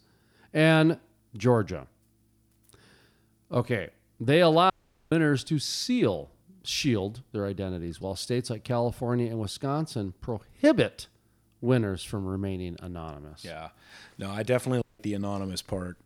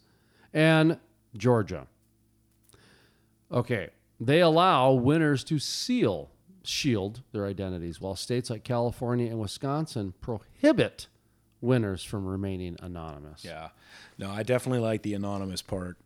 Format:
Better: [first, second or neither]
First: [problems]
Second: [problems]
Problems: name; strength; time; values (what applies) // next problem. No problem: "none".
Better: second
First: audio cutting out; at 4.5 s and at 15 s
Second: none